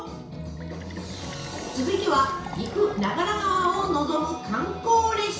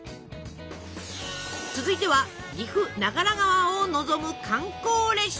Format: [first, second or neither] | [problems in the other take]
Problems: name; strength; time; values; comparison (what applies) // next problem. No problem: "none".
second | background sound (Fill (with liquid)); 18 dB below the speech // room echo; dies away in 0.6 s